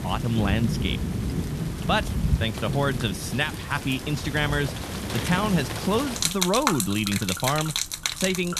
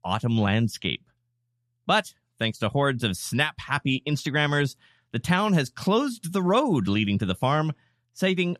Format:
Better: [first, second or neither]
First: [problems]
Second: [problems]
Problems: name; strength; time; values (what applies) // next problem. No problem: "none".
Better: second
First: rain or running water; loud; throughout; 2 dB below the speech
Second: none